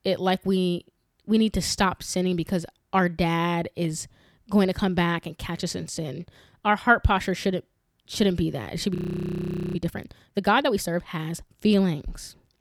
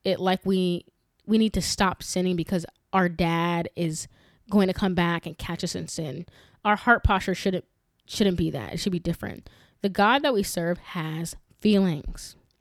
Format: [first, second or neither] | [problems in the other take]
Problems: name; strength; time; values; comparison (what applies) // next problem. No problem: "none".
second | audio freezing; at 9 s for 1 s